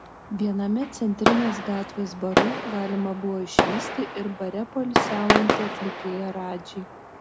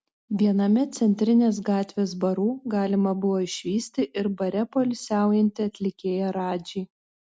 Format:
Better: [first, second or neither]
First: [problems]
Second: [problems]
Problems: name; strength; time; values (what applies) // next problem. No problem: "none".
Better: second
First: background sound (Fireworks); 1 dB above the speech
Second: none